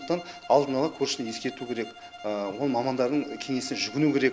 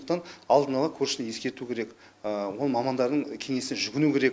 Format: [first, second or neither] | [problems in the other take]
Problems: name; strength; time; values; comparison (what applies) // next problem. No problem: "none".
second | background sound (Bowed string instrument); 17 dB below the speech